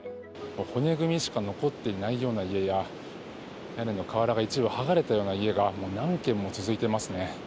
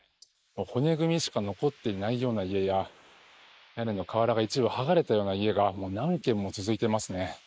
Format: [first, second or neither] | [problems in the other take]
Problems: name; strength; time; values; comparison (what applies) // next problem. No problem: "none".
first | noise reduction (neural mask model Resemble Enhance denoiser)